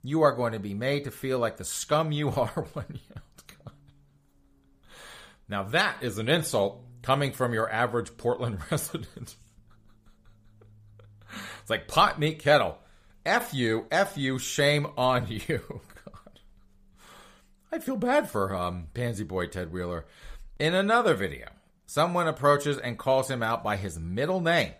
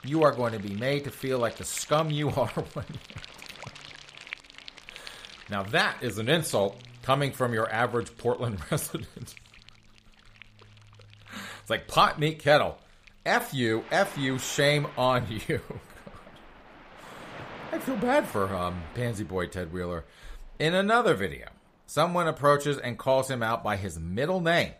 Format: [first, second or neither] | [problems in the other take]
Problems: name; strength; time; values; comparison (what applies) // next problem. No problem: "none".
first | rain or running water; noticeable; throughout; 20 dB below the speech